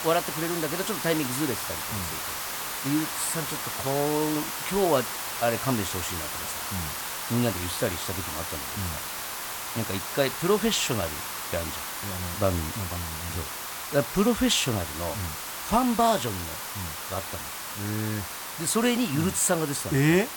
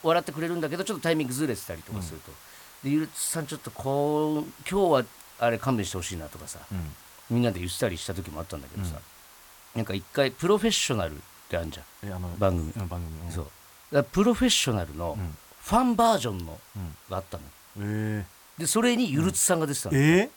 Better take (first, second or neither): second